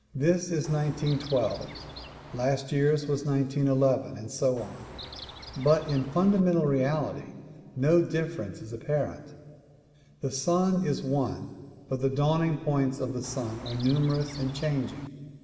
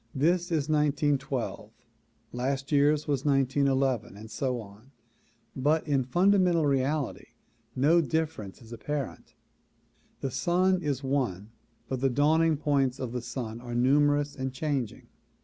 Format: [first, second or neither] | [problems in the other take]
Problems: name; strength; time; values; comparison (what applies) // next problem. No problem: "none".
second | background sound (Chirp, tweet); 16 dB below the speech // room echo; dies away in 2.6 s